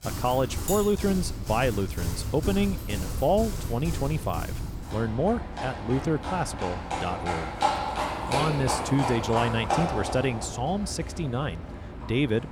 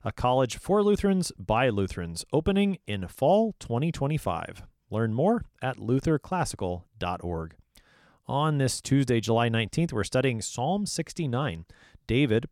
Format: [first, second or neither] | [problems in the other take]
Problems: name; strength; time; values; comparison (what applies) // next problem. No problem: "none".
second | animal sounds; loud; throughout; 4 dB below the speech